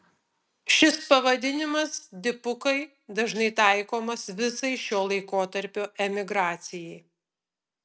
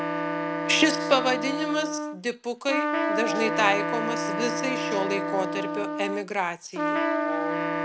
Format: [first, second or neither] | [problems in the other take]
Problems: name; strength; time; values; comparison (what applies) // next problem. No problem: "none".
first | background sound (Trumpet + Wind instrument, woodwind instrument); as loud as the speech